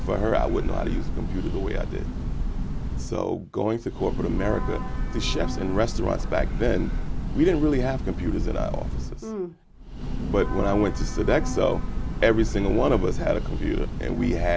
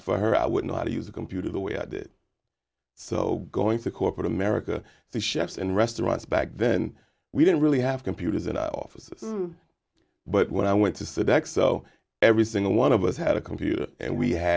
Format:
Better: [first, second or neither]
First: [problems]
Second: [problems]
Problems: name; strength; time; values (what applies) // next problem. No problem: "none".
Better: second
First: background sound (Train / Breathing); as loud as the speech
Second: none